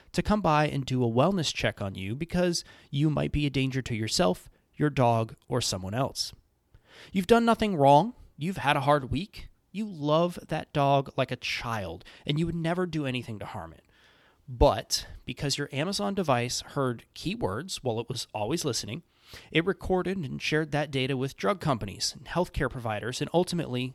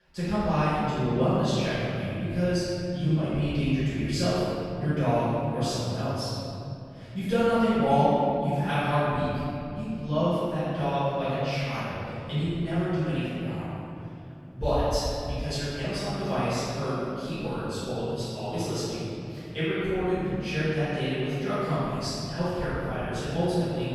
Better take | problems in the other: first | room echo; strong; dies away in 2.9 s // off-mic speech; far

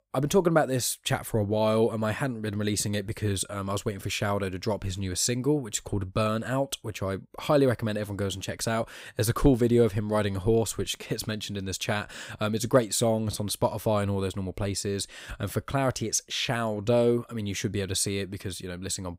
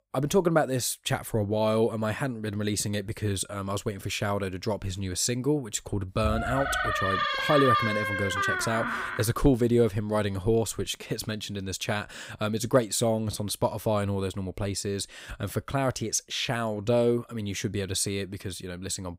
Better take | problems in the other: first | door banging; loud; from 6 to 9 s; peak 4 dB above the speech

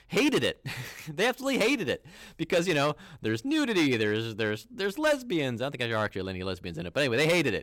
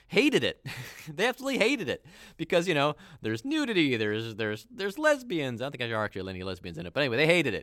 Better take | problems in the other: second | distortion; slight; 6% of the sound clipped

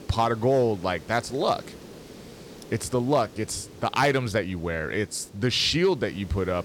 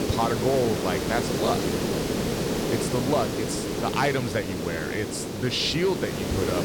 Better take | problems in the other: first | hiss; loud; throughout; 1 dB below the speech; faint in the first

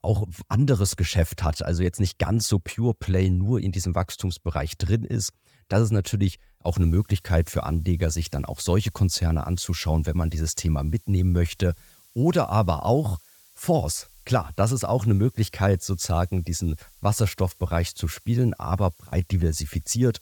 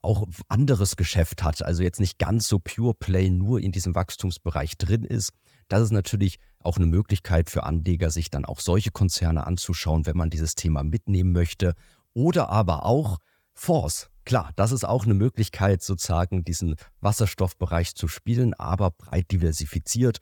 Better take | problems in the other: second | hiss; faint; from 6.5 s on; 30 dB below the speech

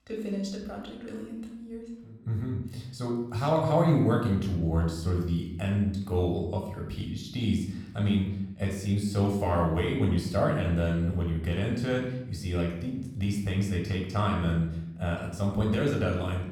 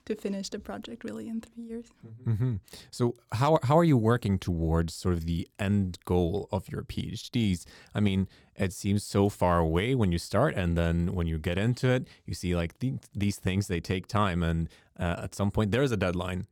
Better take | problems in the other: second | off-mic speech; somewhat distant // room echo; noticeable; dies away in 0.7 s

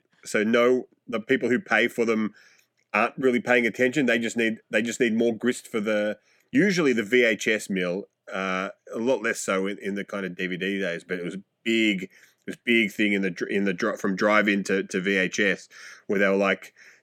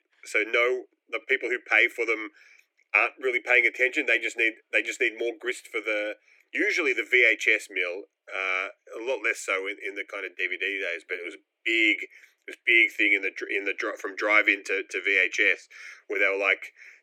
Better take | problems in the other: first | thin; very; fading below 300 Hz

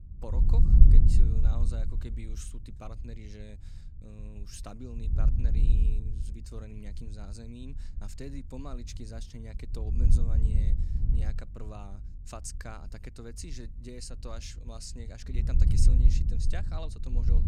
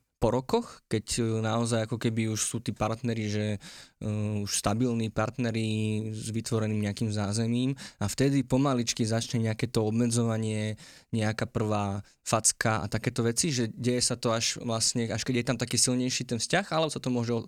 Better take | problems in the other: second | wind noise on the microphone; heavy; 1 dB above the speech

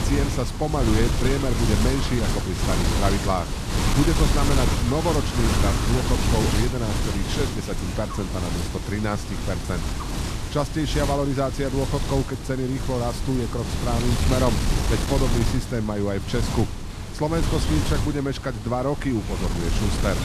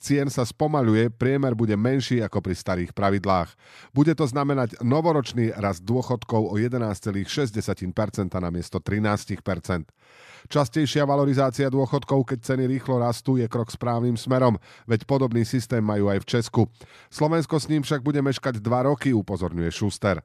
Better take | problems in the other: second | wind noise on the microphone; heavy; 2 dB below the speech

